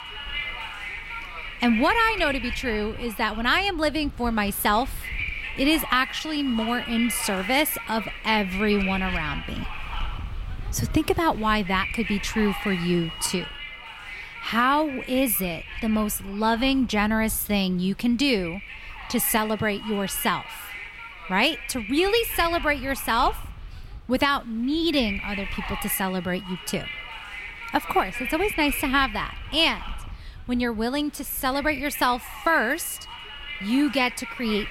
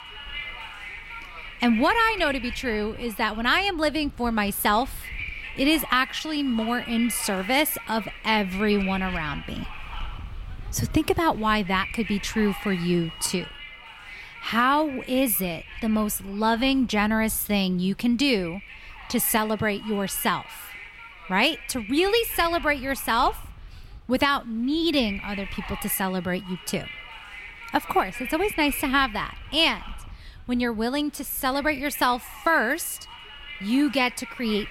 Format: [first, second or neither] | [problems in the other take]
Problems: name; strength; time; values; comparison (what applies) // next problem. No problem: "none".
second | wind noise on the microphone; heavy; 8 dB below the speech; occasional gusts in the second